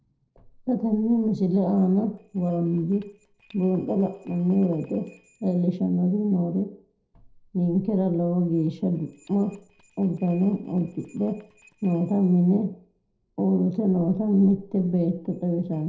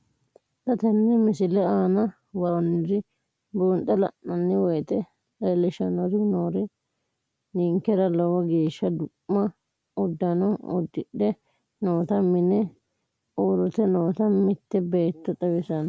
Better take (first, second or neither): second